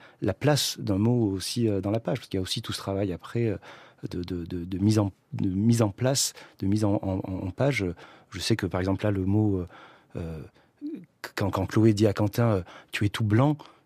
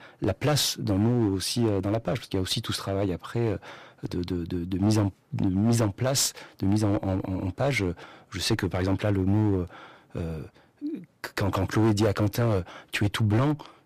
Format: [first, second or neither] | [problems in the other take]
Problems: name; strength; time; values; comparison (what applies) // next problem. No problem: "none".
first | distortion; heavy; 8% of the sound clipped